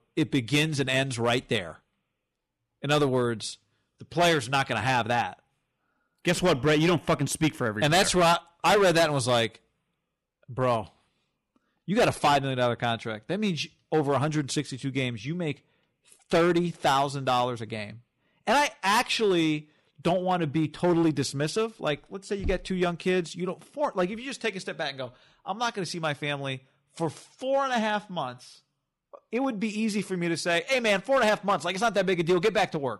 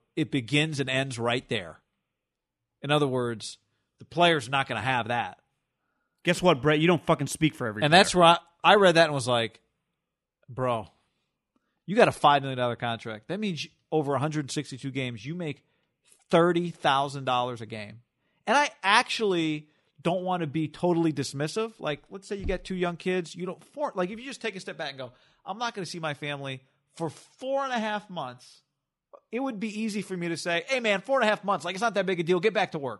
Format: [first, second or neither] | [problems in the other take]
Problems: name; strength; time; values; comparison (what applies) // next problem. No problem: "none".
second | distortion; heavy; 5% of the sound clipped